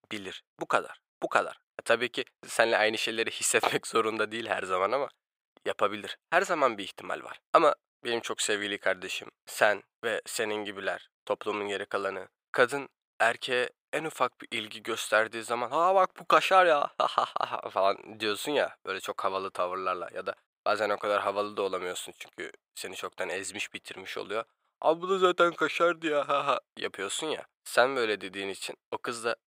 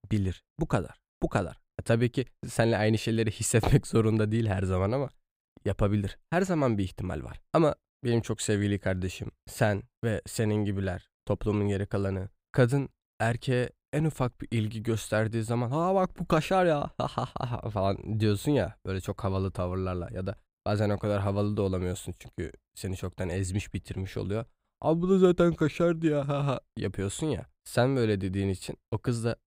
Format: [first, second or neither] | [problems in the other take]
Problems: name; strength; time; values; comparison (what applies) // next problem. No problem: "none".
second | thin; very; fading below 600 Hz